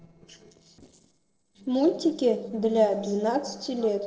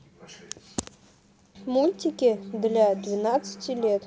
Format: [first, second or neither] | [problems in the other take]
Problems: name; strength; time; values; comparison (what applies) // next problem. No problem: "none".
second | noise reduction (neural separator model SepFormer DNS4)